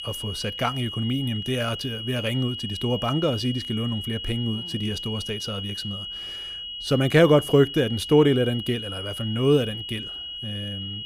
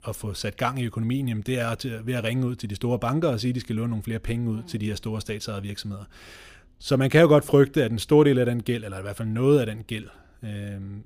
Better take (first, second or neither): second